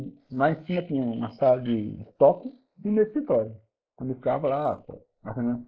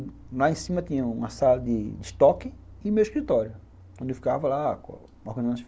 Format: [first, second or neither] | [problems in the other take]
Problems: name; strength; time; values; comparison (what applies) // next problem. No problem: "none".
second | noise reduction (neural mask model Resemble Enhance denoiser)